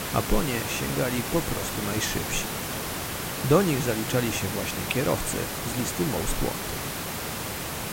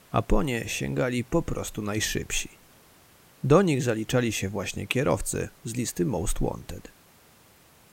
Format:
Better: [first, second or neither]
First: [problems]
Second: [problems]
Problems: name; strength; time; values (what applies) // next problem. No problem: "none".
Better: second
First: hiss; loud; throughout; 2 dB below the speech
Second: hiss; faint; throughout; 25 dB below the speech